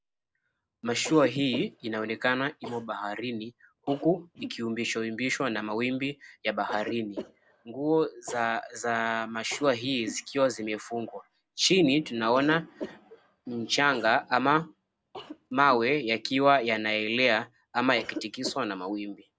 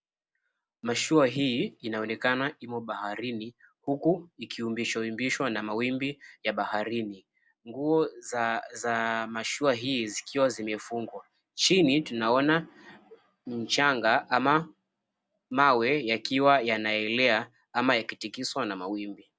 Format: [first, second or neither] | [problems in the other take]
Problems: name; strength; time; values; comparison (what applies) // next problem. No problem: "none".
second | background sound (Cough); 17 dB below the speech